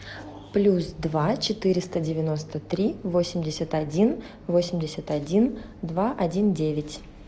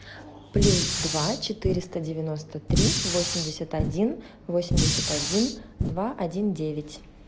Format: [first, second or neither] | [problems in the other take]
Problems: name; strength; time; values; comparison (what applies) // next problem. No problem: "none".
first | background sound (Fire); 2 dB above the speech